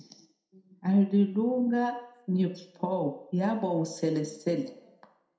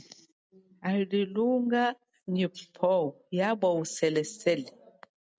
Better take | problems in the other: second | room echo; dies away in 0.6 s

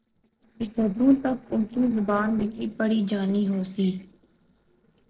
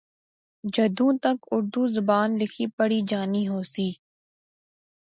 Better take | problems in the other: second | noise reduction (neural separator model SepFormer DNS4)

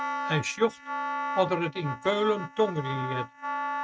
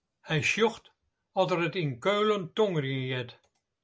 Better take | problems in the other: second | noise reduction (neural mask model RNNoise)

